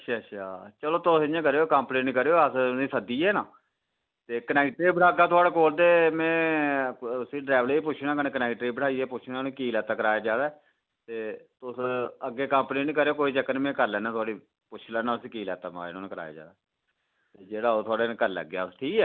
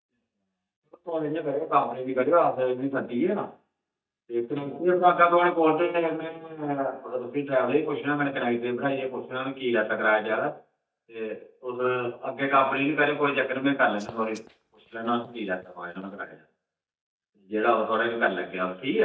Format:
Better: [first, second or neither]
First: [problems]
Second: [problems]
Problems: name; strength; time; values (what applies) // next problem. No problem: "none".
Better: first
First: none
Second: noise reduction (neural mask model DeepFilterNet 3)